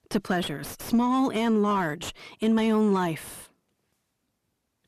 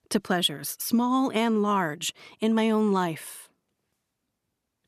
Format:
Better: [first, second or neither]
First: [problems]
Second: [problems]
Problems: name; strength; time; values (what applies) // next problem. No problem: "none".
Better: second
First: distortion; slight; 10 dB below the speech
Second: none